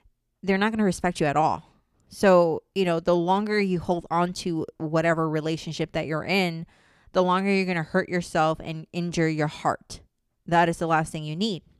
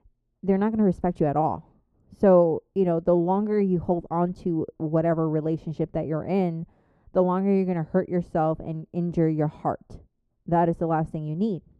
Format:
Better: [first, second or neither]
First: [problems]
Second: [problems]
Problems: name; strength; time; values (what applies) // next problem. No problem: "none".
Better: first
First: none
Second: muffled; very; fading above 1.5 kHz